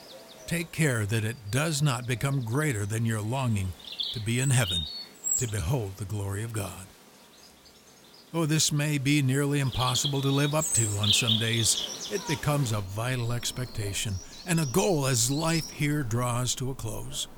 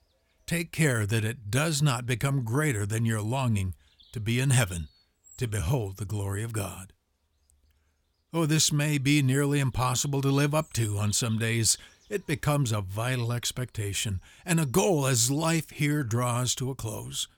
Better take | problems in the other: second | animal sounds; loud; throughout; 3 dB below the speech; faint in the second

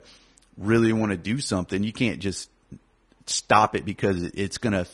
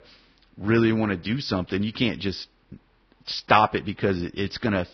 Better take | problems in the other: first | garbled, watery; badly; nothing above 5.5 kHz; slightly in the first

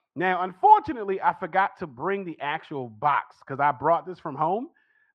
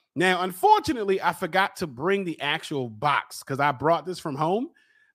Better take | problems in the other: second | muffled; very; fading above 2 kHz

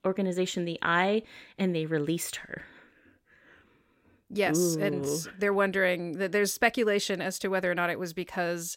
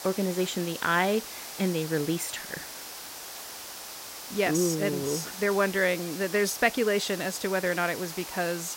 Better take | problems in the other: first | hiss; noticeable; throughout; 10 dB below the speech

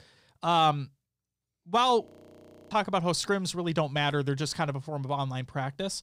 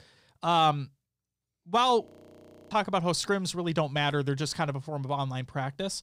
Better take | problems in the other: neither | audio freezing; at 2 s for 0.5 s; the same in both

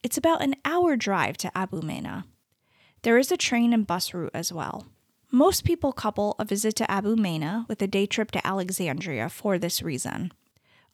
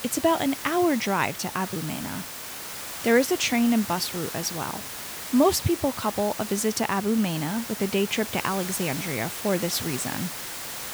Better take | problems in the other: first | hiss; loud; throughout; 8 dB below the speech

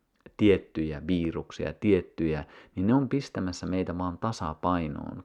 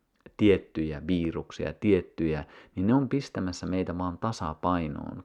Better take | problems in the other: neither | none

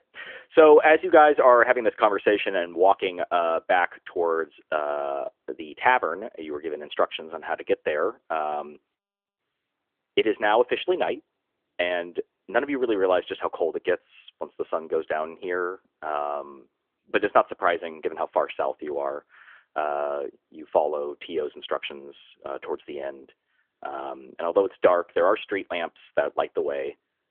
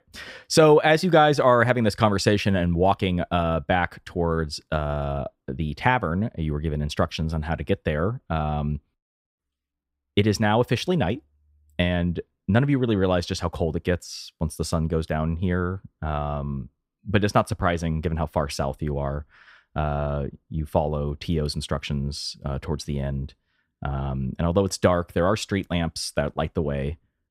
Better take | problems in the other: second | phone-call audio; nothing above 3.5 kHz

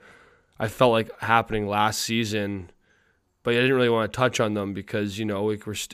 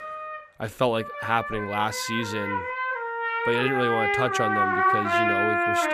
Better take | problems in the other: first | background music; very loud; throughout; 3 dB above the speech

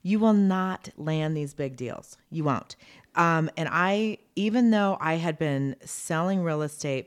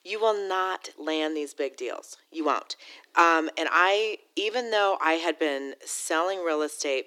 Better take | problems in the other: first | thin; very; fading below 300 Hz

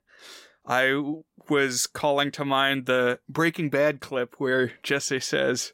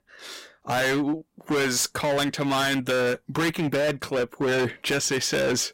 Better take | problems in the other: first | distortion; heavy; 25% of the sound clipped

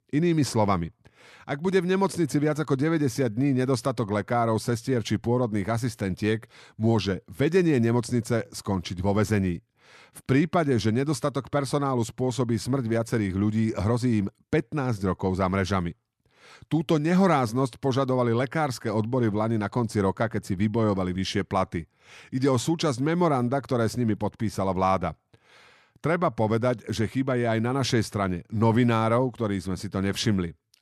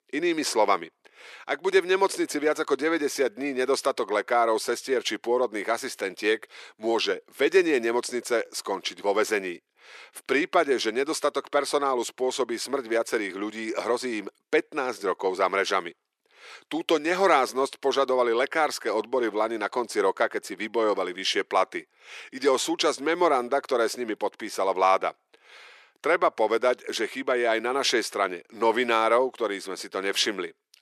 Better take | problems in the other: first | thin; very; fading below 400 Hz

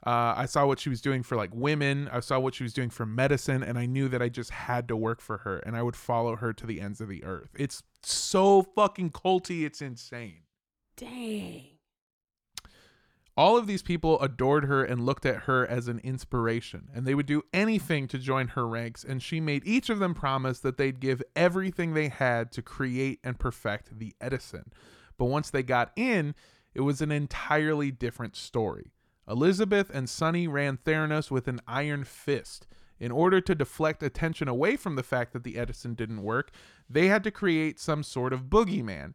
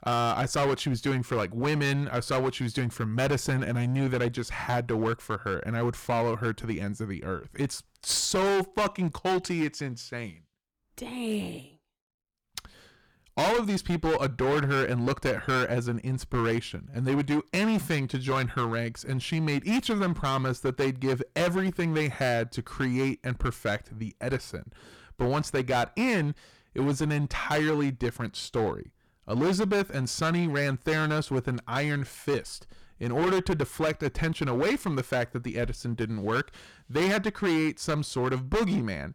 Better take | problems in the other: first | distortion; heavy; 12% of the sound clipped

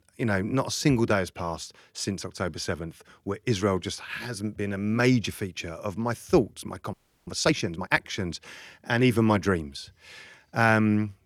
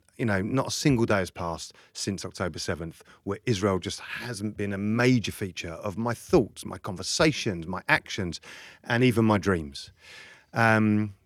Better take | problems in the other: second | audio freezing; at 7 s

